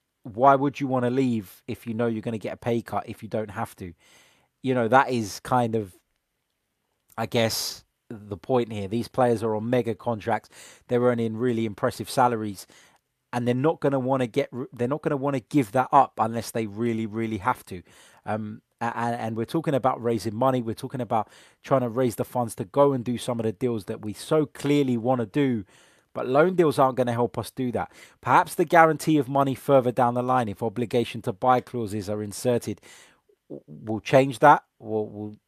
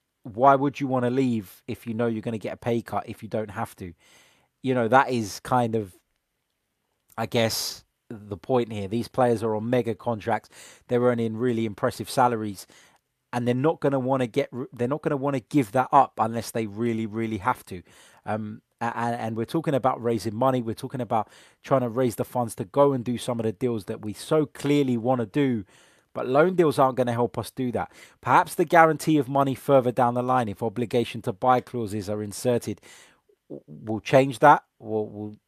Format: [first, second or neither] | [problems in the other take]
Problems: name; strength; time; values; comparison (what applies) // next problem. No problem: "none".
neither | none